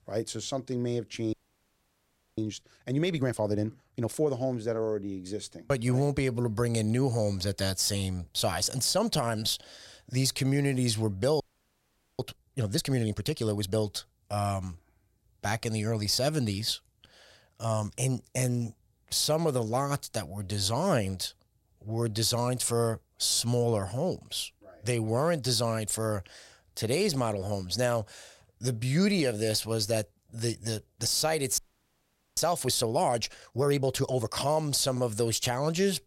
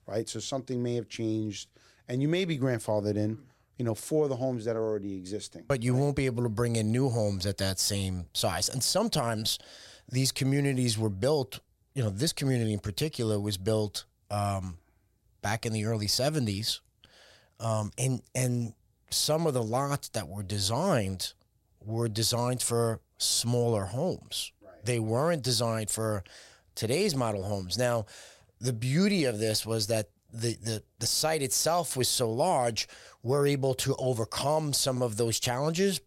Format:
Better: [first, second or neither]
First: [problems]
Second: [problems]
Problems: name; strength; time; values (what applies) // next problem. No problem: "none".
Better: second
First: audio freezing; at 1.5 s for 1 s, at 11 s for 1 s and at 32 s for 1 s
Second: none